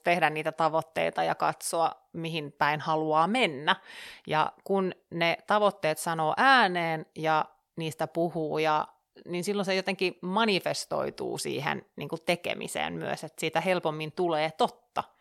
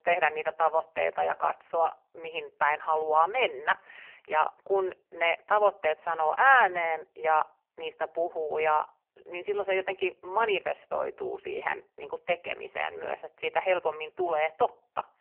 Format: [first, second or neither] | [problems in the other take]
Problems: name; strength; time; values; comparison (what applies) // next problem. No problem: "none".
first | phone-call audio; poor line; nothing above 3 kHz